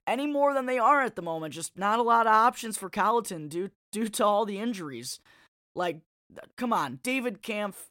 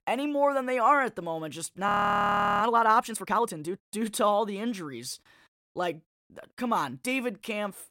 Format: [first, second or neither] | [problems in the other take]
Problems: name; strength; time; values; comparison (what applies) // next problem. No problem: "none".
first | audio freezing; at 2 s for 0.5 s